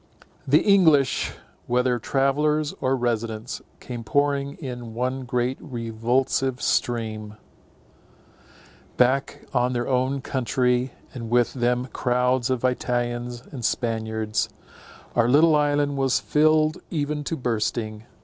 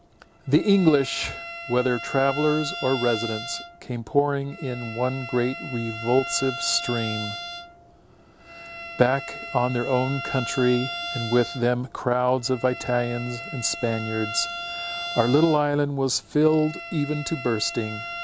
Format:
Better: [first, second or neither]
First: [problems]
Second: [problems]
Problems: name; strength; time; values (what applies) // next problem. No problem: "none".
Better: first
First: none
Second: background sound (Bowed string instrument); 10 dB below the speech